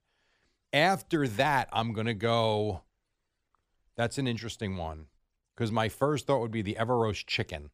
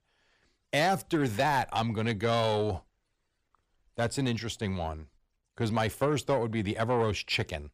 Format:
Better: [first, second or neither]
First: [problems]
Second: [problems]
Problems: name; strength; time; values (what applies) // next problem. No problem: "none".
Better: first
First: none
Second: distortion; slight; 10 dB below the speech